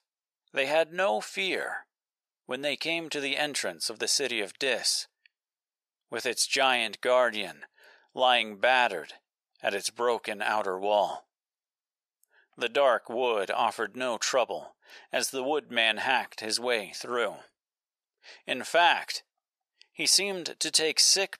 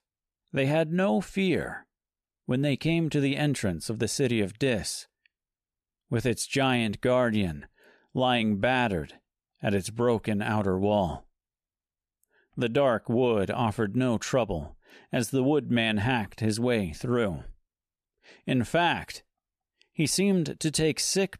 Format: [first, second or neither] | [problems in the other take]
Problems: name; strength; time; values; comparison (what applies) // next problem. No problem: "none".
second | thin; very; fading below 700 Hz